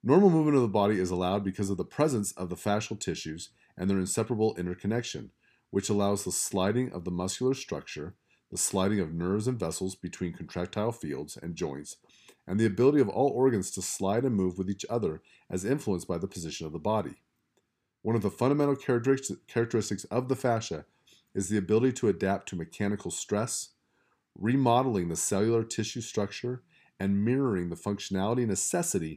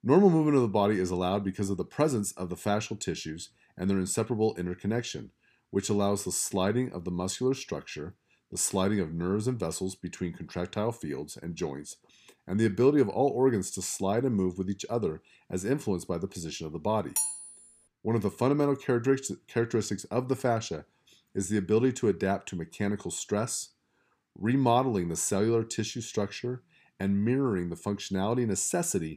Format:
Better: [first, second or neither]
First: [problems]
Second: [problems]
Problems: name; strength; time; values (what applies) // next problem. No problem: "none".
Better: first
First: none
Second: clattering dishes; loud; at 17 s; peak level with the speech